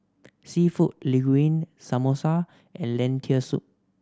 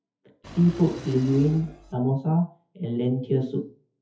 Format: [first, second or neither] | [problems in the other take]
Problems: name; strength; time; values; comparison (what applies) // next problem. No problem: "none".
first | noise reduction (classical method WPE with log-MMSE)